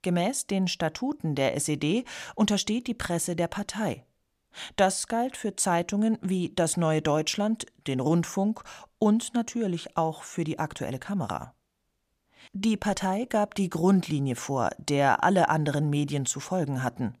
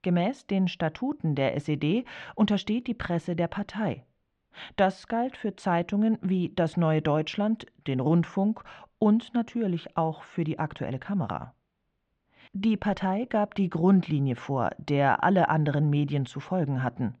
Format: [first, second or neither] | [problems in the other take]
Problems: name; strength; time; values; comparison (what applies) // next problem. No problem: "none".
first | muffled; very; fading above 3 kHz